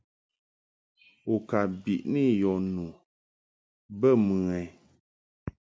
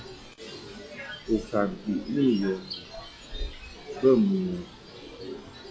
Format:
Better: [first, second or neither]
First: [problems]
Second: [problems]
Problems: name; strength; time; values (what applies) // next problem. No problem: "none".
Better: first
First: none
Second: noise reduction (classical method log-MMSE)